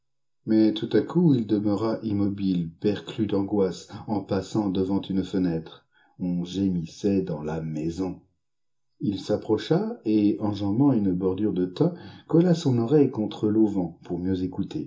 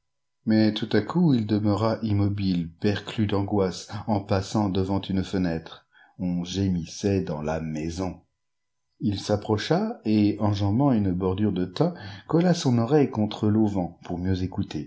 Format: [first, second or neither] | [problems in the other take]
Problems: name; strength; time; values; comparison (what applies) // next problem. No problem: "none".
second | room echo; dies away in 0.2 s